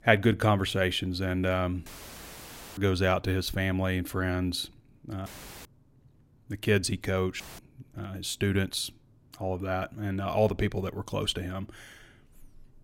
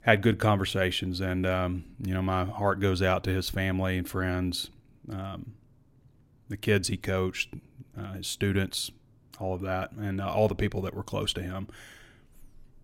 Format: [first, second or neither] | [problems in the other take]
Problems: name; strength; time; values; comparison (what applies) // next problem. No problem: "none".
second | audio cutting out; filled with static; at 2 s for 1 s, at 5.5 s and at 7.5 s